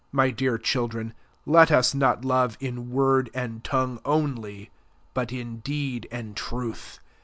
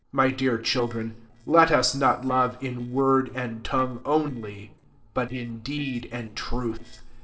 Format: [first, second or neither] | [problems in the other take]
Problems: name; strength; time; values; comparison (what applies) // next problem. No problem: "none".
first | noise reduction (neural separator model SepFormer DNS4)